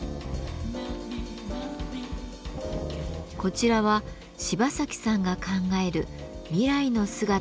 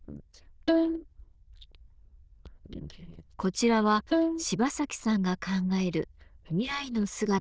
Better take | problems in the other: first | noise reduction (neural diffusion model UNIVERSE++)

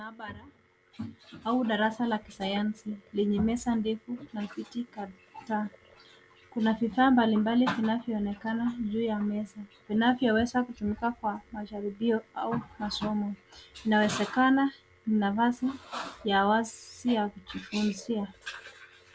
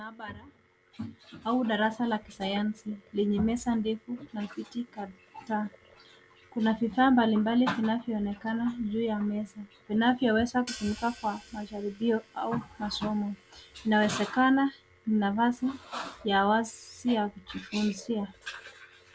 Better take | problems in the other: first | background sound (Hi-hat); 20 dB below the speech

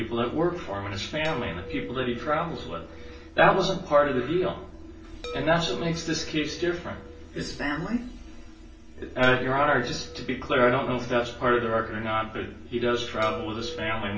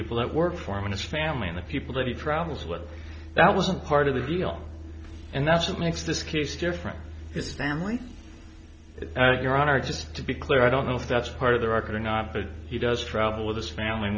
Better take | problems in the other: second | background sound (Chime); 17 dB below the speech // room echo; dies away in 0.3 s

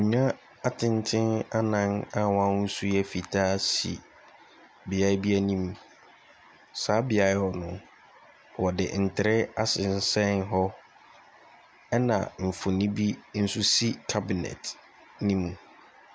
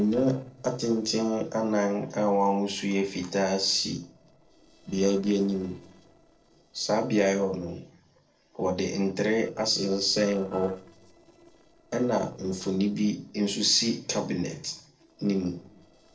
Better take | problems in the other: first | noise reduction (neural separator model SepFormer DNS4)

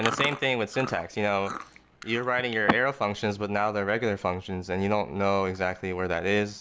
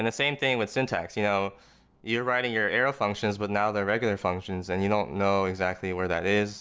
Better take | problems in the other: second | background sound (Chewing, mastication); 10 dB below the speech

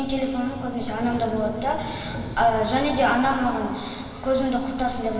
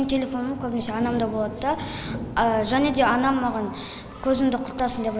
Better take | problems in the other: second | room echo; dies away in 2.6 s

